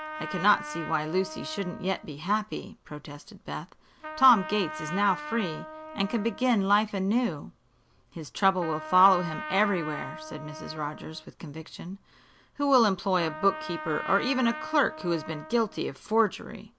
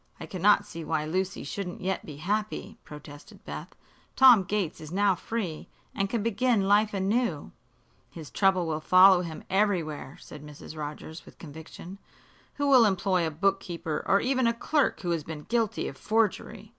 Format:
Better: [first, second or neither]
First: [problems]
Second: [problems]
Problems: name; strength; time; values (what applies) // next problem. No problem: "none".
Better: second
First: background sound (Trumpet); 13 dB below the speech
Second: none